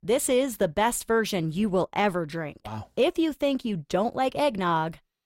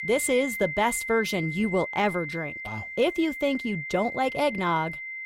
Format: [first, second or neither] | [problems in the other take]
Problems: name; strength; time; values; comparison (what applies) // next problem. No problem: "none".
first | high-pitched whine; loud; throughout; 2 kHz, 7 dB below the speech